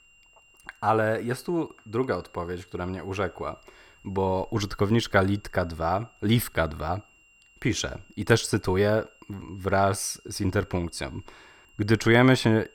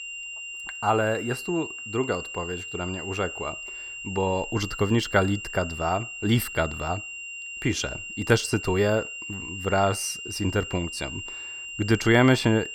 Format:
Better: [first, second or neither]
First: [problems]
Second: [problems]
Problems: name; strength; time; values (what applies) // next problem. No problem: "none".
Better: first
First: high-pitched whine; faint; throughout; 3 kHz, 30 dB below the speech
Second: high-pitched whine; loud; throughout; 3 kHz, 8 dB below the speech